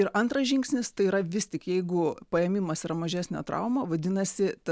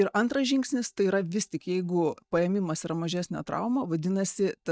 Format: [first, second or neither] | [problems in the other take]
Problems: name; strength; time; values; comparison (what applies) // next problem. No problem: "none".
first | noise reduction (neural mask model DeepFilterNet 3)